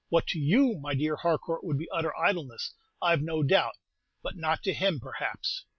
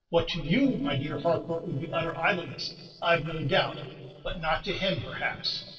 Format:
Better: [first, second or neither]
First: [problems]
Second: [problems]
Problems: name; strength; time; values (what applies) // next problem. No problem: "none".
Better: first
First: none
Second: noise reduction (neural separator model SepFormer DNS4)